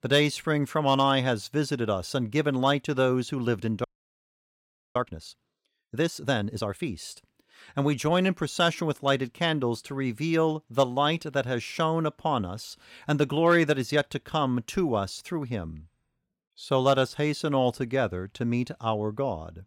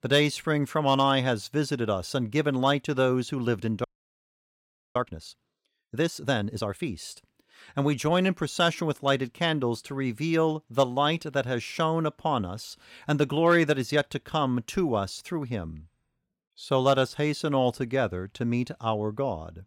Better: neither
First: audio freezing; at 4 s for 1 s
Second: audio freezing; at 4 s for 1 s

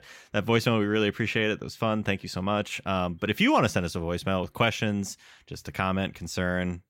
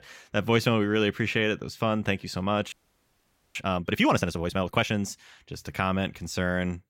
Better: first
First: none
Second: audio freezing; at 2.5 s for 1 s

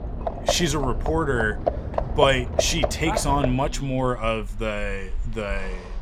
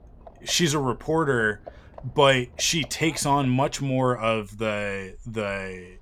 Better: second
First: animal sounds; loud; throughout; 4 dB below the speech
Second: animal sounds; faint; throughout; 25 dB below the speech

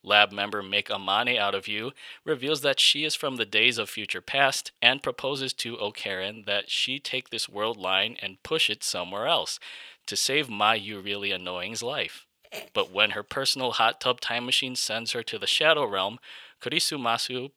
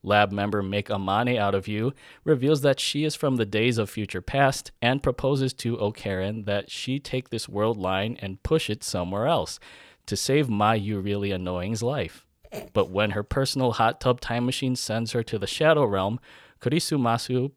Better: second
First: thin; somewhat; fading below 950 Hz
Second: none

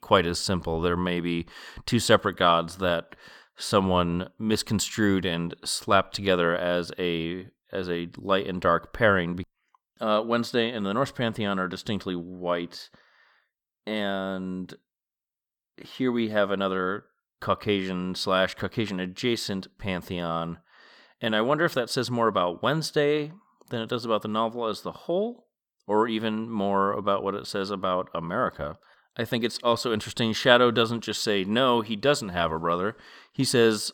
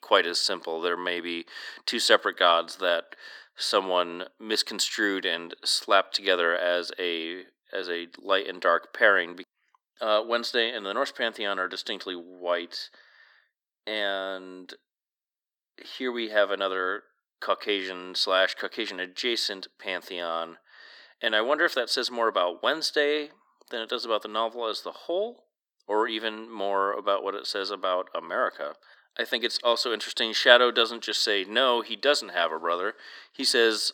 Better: first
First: none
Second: thin; somewhat; fading below 300 Hz

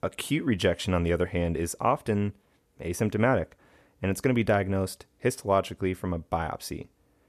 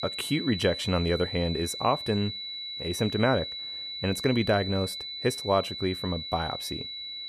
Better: first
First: none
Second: high-pitched whine; loud; throughout; 4 kHz, 6 dB below the speech

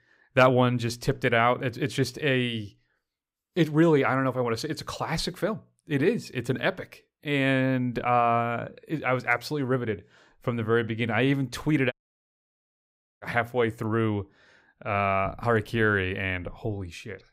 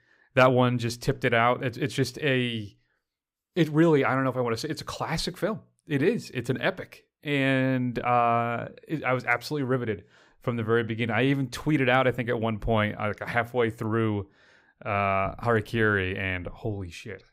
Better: second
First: audio cutting out; at 12 s for 1.5 s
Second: none

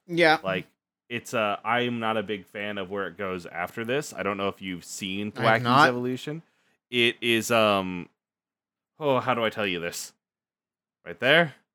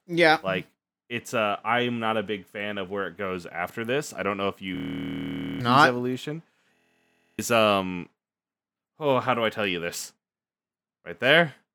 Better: first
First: none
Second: audio freezing; at 5 s for 1 s and at 7 s for 0.5 s

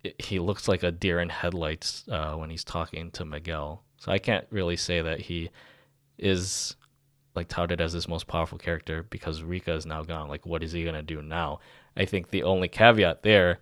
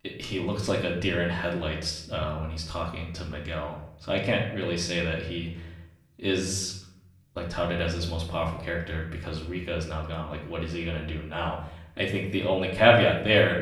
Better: first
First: none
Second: room echo; slight; dies away in 0.6 s // off-mic speech; far

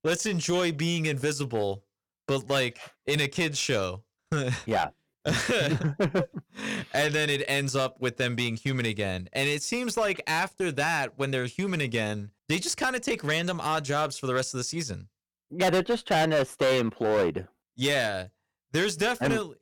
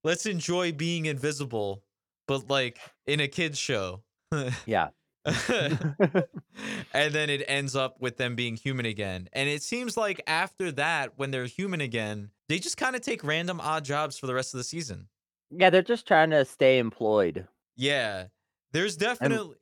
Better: second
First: distortion; heavy; 9% of the sound clipped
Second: none

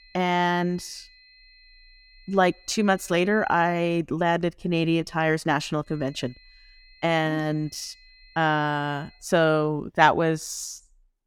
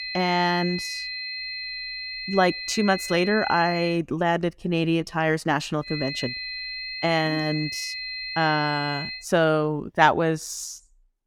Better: first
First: high-pitched whine; faint; until 4 s and from 6 to 9 s; 4 kHz, 30 dB below the speech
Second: high-pitched whine; loud; until 4 s and from 6 to 9 s; 4 kHz, 6 dB below the speech

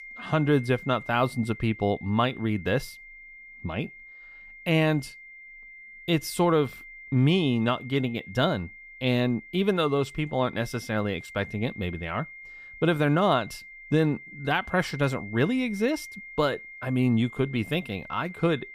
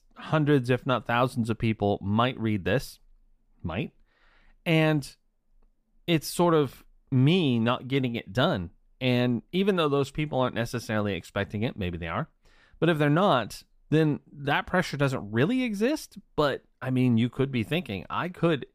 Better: second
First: high-pitched whine; noticeable; throughout; 2 kHz, 15 dB below the speech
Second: none

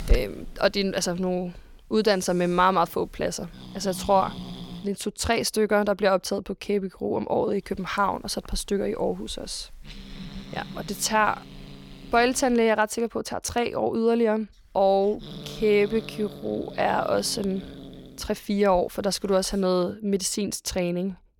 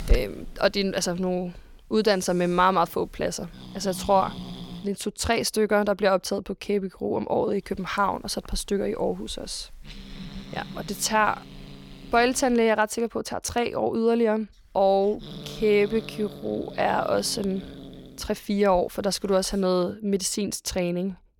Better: neither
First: hiss; noticeable; until 5 s, from 7.5 to 13 s and from 15 to 20 s; 15 dB below the speech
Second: hiss; noticeable; until 5 s, from 7.5 to 13 s and from 15 to 20 s; 15 dB below the speech

